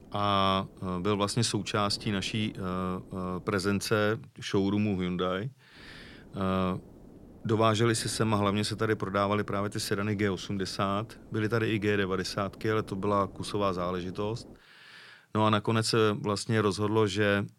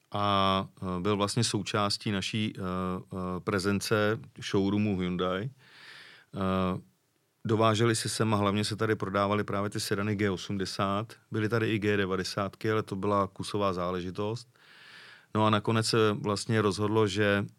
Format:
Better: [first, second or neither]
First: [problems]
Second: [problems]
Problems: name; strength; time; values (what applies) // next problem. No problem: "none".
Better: second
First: wind noise on the microphone; occasional gusts; until 4 s and from 6 to 15 s; 25 dB below the speech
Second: none